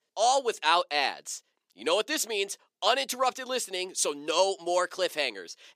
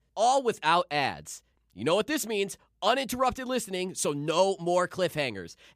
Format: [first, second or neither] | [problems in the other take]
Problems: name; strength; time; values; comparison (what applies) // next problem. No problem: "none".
second | thin; somewhat; fading below 350 Hz